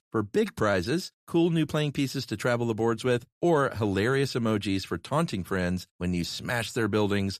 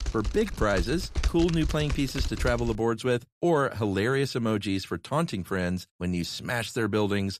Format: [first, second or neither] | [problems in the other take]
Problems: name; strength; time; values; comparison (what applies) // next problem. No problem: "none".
first | keyboard typing; noticeable; until 3 s; peak 4 dB below the speech